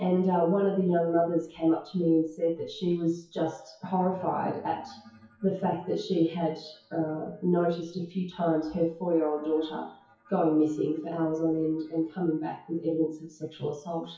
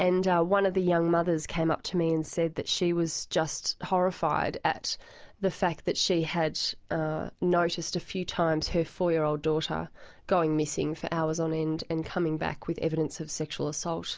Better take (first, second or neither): second